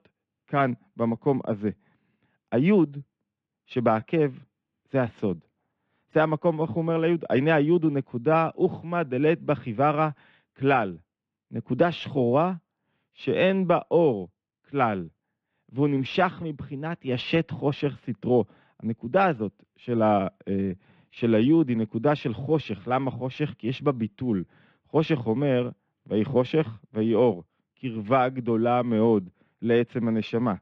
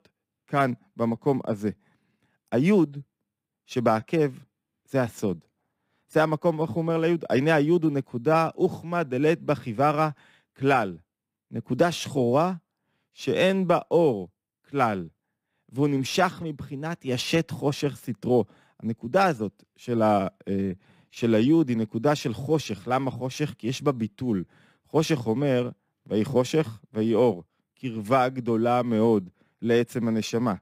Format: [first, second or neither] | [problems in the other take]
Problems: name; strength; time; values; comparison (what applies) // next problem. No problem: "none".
second | muffled; slightly; fading above 3 kHz